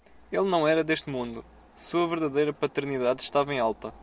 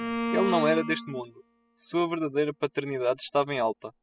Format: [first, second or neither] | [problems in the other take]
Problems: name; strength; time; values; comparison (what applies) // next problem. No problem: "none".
first | noise reduction (classical method spectral subtraction)